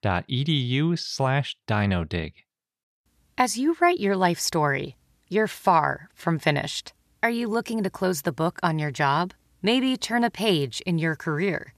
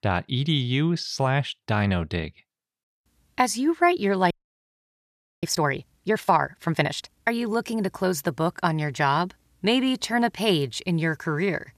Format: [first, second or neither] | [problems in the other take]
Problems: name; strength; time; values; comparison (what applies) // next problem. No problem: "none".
first | audio freezing; at 4.5 s for 1 s